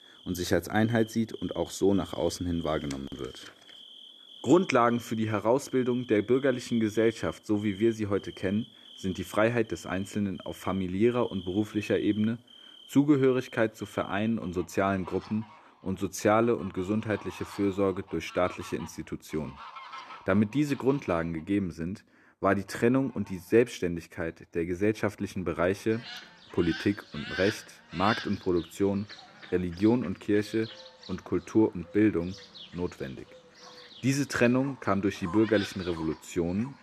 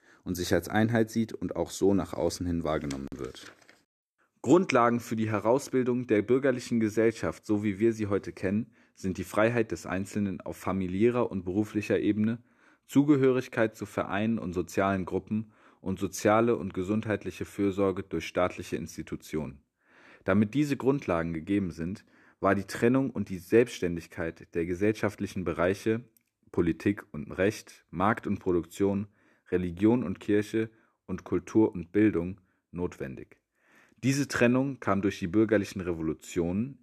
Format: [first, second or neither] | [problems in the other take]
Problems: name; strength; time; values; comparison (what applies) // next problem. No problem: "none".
second | animal sounds; noticeable; throughout; 15 dB below the speech